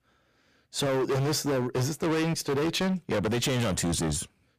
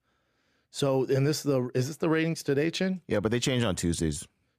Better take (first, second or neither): second